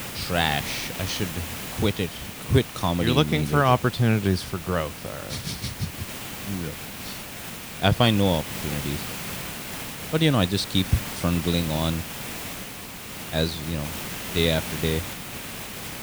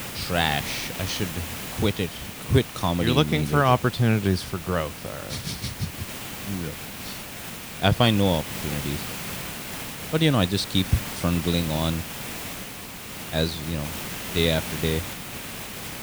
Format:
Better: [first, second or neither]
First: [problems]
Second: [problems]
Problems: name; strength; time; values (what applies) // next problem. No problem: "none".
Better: neither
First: hiss; loud; throughout; 8 dB below the speech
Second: hiss; loud; throughout; 8 dB below the speech